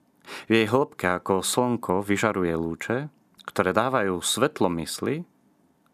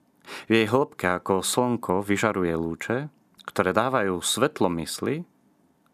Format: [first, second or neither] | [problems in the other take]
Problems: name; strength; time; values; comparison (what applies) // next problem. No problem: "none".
neither | none